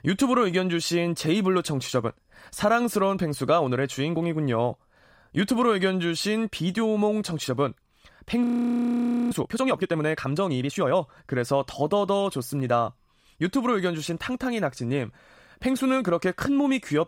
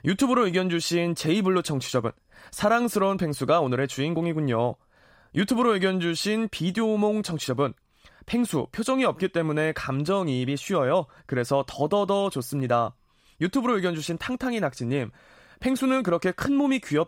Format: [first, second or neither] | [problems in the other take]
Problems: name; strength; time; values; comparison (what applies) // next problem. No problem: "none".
second | audio freezing; at 8.5 s for 1 s